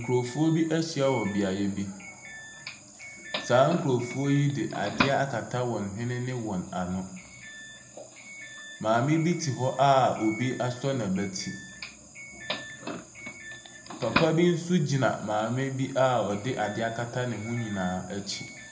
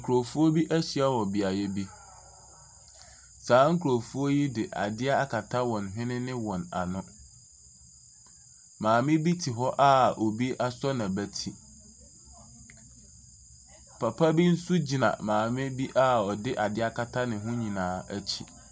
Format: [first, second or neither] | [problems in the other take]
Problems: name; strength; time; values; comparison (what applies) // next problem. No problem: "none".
second | background sound (Doorbell); 12 dB below the speech // room echo; dies away in 0.7 s